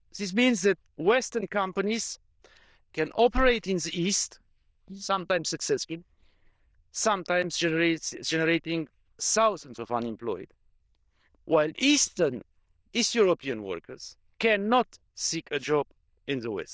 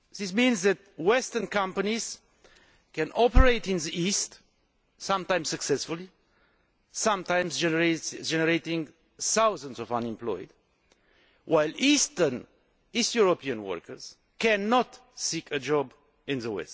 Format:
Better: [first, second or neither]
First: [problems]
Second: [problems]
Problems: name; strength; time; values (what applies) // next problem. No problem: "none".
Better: second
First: noise reduction (neural diffusion model UNIVERSE++)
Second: none